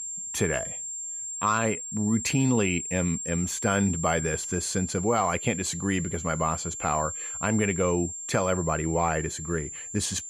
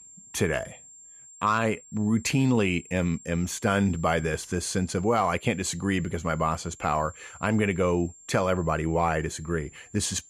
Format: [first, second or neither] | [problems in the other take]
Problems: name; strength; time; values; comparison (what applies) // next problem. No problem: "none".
second | high-pitched whine; loud; throughout; 7.5 kHz, 6 dB below the speech; faint in the second